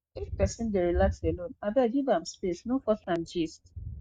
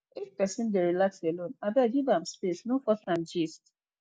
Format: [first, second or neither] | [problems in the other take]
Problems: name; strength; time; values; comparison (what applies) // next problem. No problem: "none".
second | noise reduction (neural mask model RNNoise)